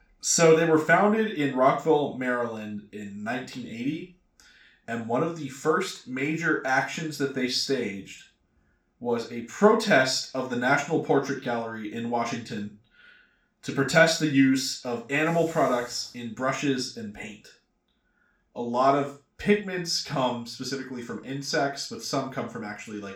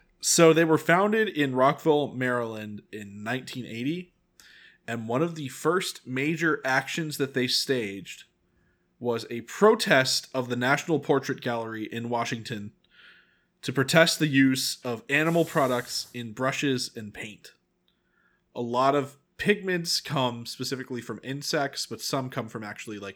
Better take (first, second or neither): second